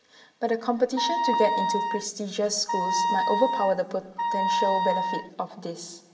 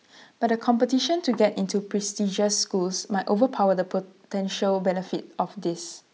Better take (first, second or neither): second